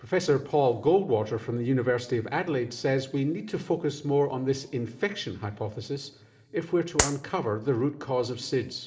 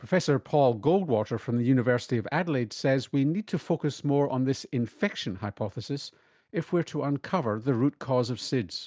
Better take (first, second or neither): second